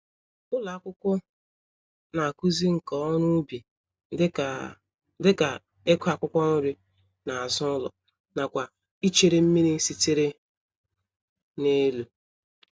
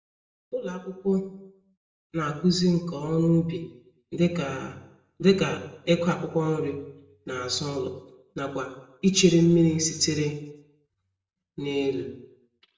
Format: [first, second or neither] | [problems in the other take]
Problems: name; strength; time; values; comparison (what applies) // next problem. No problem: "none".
first | room echo; dies away in 0.7 s